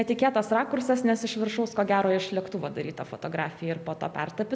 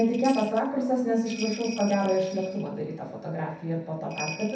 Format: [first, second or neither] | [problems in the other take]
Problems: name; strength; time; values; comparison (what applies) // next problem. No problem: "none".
first | background sound (Bell); 16 dB below the speech // room echo; dies away in 0.7 s